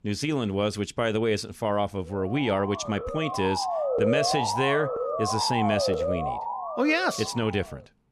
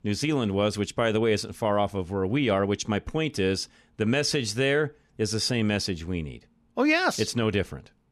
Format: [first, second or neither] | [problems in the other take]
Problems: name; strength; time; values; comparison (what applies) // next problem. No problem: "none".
second | siren; loud; from 2 to 7.5 s; peak 2 dB above the speech